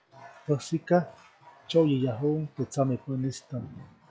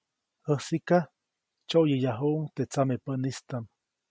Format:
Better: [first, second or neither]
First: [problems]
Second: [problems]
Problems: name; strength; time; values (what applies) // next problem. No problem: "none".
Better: second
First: noise reduction (classical method log-MMSE)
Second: none